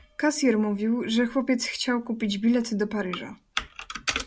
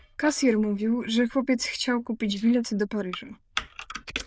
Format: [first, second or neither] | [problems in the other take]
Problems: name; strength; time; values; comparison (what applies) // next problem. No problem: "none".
first | noise reduction (neural diffusion model UNIVERSE++)